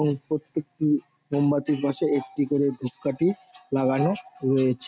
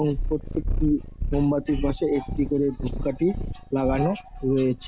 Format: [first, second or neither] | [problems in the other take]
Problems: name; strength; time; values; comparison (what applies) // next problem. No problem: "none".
first | background sound (Purr); 5 dB below the speech